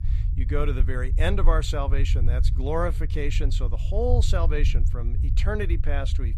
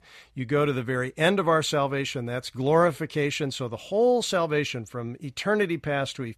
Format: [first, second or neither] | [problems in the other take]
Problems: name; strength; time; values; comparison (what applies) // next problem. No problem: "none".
second | low rumble; noticeable; throughout; 15 dB below the speech